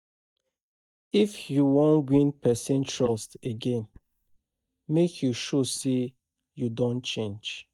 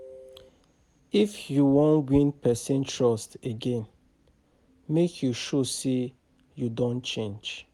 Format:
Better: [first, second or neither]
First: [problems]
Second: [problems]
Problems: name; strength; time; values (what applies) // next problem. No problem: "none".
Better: second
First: noise reduction (neural mask model DeepFilterNet 3)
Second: none